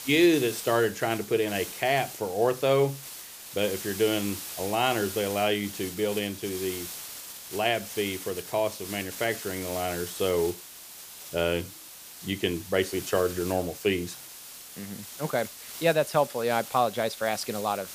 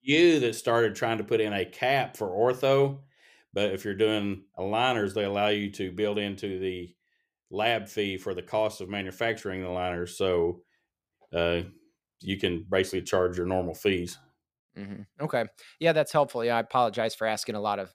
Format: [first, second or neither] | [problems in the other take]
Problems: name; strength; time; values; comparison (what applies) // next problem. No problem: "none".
second | hiss; noticeable; throughout; 10 dB below the speech